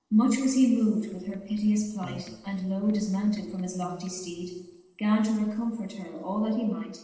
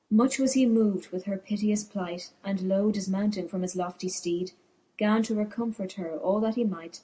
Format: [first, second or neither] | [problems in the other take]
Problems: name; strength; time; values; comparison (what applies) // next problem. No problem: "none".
second | noise reduction (neural separator model SepFormer DNS4)